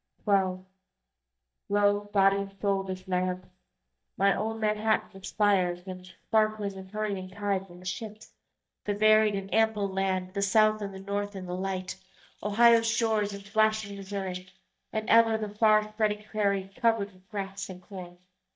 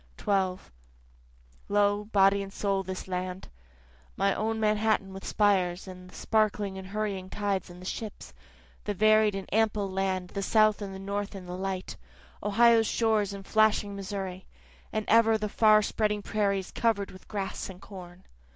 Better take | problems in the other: second | noise reduction (neural mask model DeepFilterNet 3)

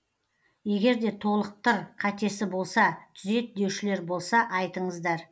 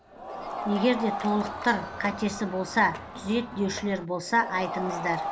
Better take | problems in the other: first | background sound (Crowd); 8 dB below the speech

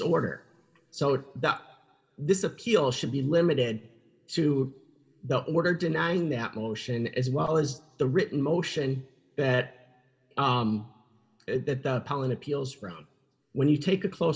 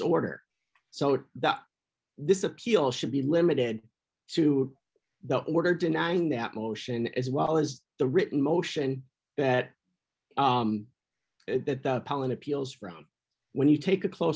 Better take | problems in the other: second | room echo; dies away in 0.7 s

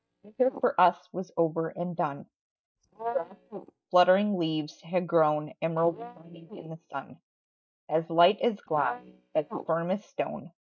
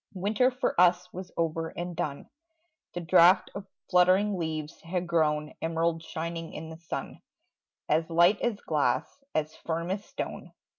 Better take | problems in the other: second | noise reduction (neural mask model DeepFilterNet 3)

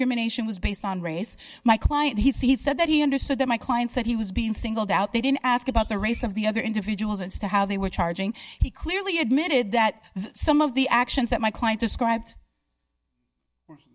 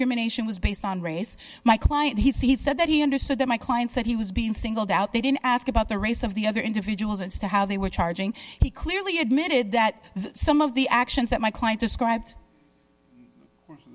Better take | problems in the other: second | noise reduction (neural mask model DeepFilterNet 3)

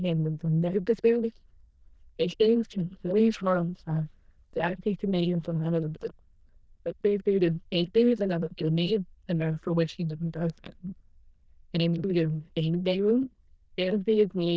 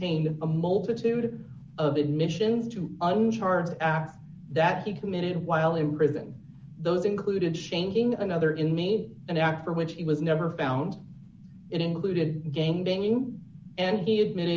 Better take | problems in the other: second | noise reduction (neural diffusion model UNIVERSE++)

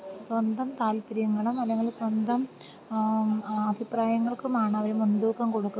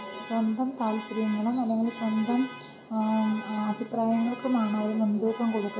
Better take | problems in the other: first | background sound (Alarm); 16 dB below the speech // room echo; dies away in 1.3 s

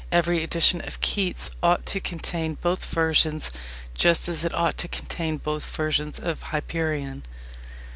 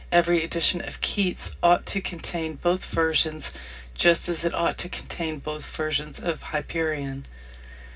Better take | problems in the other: first | room echo; dies away in 0.4 s

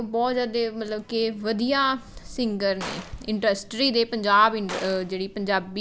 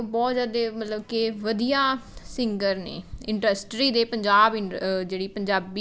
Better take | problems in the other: second | background sound (Gunshot, gunfire); 17 dB below the speech

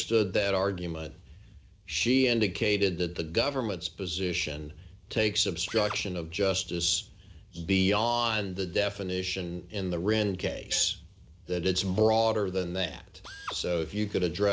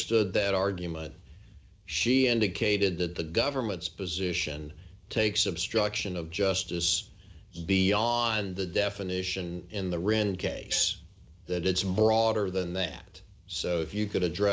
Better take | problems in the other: second | background sound (Drill); 14 dB below the speech

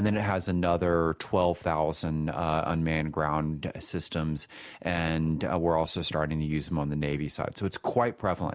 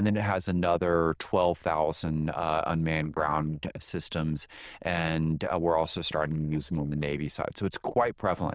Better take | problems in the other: first | noise reduction (neural diffusion model UNIVERSE++)

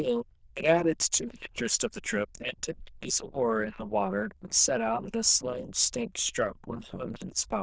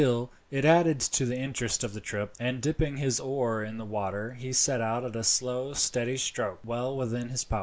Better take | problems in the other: second | noise reduction (neural diffusion model UNIVERSE++)

